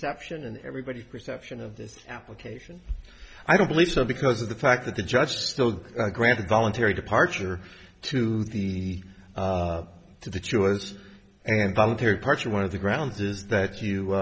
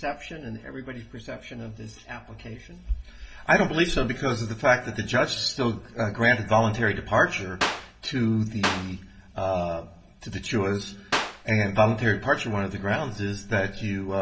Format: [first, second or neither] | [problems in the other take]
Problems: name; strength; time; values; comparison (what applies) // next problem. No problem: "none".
first | background sound (Clapping); 3 dB below the speech // room echo; dies away in 0.2 s